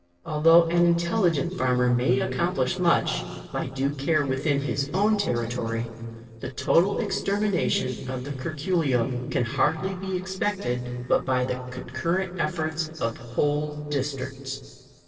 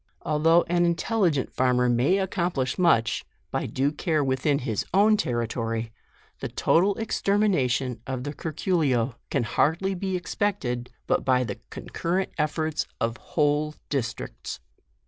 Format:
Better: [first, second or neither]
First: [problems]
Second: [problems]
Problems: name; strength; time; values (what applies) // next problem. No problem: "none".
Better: second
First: noise reduction (neural separator model SepFormer DNS4)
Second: none